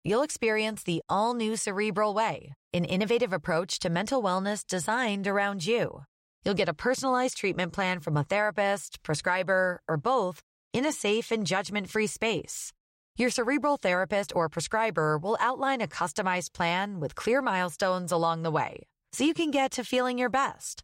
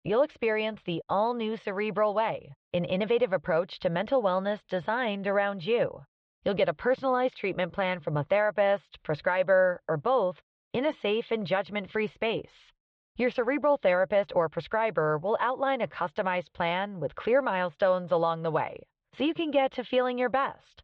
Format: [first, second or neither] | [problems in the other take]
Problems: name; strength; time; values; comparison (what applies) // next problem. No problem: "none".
first | muffled; very; fading above 3.5 kHz